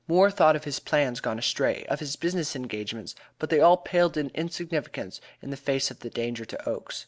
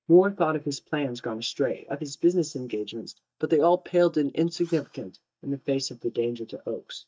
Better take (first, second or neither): first